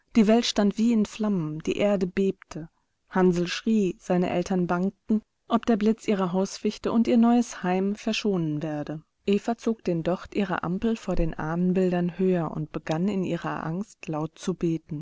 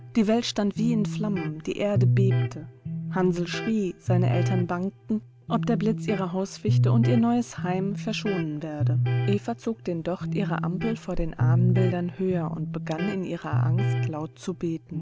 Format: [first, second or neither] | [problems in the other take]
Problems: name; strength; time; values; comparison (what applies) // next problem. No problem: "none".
first | background sound (Electric guitar); as loud as the speech